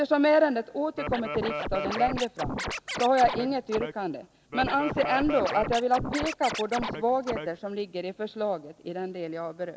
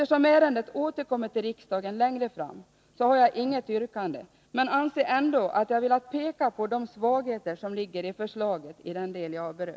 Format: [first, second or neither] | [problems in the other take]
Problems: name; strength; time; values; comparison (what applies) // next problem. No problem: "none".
second | background sound (Scratching (performance technique)); 6 dB below the speech